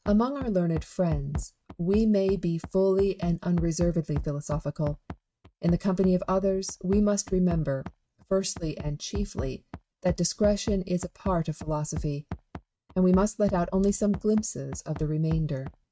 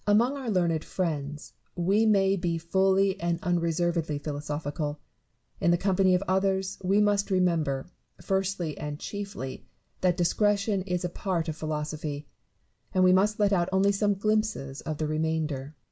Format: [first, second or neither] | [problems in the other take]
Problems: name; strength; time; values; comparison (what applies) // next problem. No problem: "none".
second | noise reduction (neural mask model RNNoise)